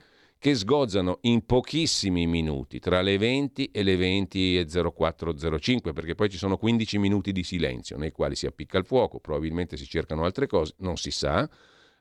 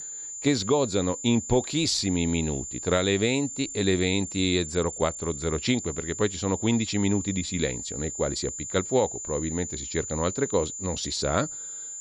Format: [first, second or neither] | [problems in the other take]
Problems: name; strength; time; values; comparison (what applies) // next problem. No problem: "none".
first | high-pitched whine; loud; throughout; 7 kHz, 7 dB below the speech